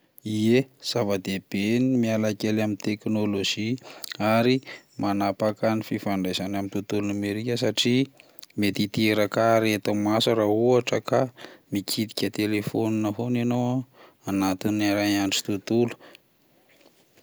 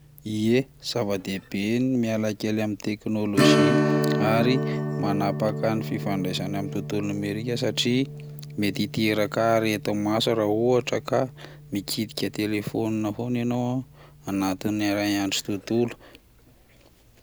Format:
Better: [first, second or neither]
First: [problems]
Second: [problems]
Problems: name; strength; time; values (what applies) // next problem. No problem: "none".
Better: first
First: none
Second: background sound (Strum); 4 dB below the speech